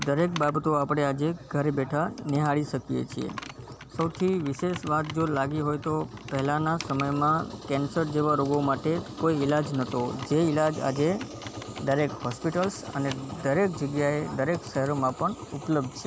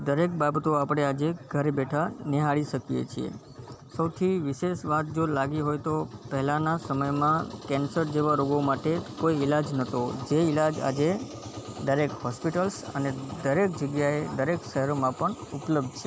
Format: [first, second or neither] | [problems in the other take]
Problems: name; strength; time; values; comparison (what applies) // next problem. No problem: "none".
second | background sound (Computer keyboard); 19 dB below the speech